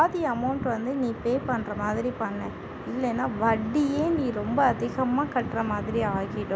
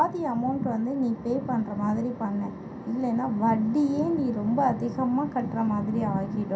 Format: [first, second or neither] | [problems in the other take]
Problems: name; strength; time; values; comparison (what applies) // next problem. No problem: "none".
first | room echo; dies away in 0.3 s